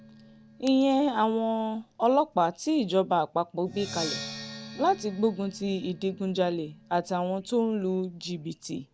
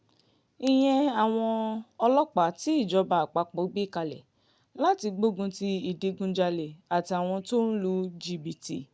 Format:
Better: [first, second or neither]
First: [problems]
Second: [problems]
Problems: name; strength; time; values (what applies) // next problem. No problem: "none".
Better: second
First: background sound (Percussion); 17 dB below the speech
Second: none